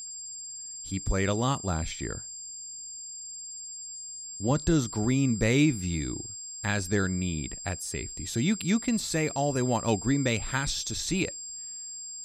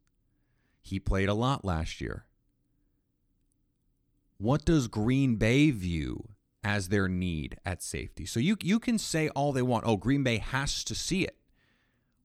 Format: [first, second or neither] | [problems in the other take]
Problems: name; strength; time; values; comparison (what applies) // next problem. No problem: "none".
second | high-pitched whine; loud; throughout; 7.5 kHz, 9 dB below the speech